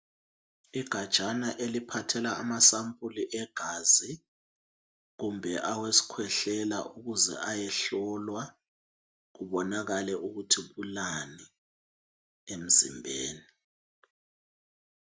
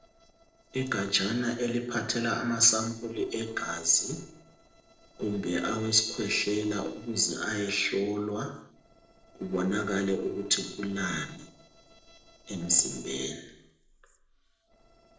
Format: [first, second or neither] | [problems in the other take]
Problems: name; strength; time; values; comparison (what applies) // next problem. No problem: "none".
first | noise reduction (neural separator model SepFormer DNS4)